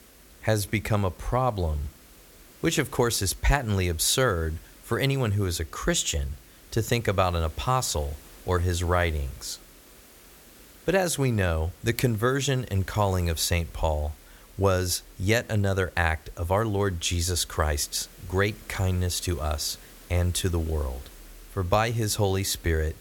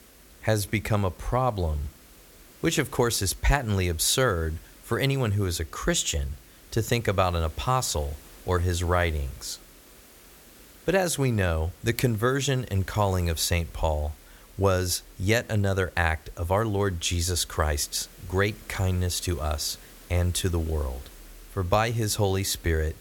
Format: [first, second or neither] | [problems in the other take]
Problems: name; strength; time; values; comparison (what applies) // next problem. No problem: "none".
neither | hiss; faint; throughout; 25 dB below the speech; the same in both